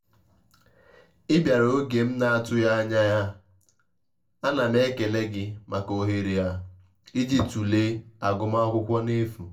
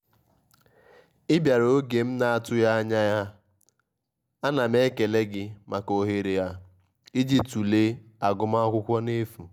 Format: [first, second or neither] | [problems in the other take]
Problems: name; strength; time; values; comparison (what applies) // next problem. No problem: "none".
second | room echo; dies away in 0.2 s